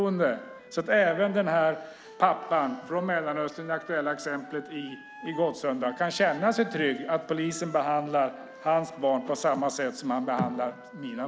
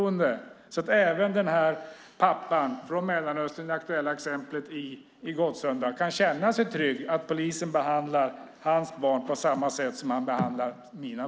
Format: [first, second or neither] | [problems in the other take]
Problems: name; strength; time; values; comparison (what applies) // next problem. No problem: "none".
second | background sound (Wind instrument, woodwind instrument); 19 dB below the speech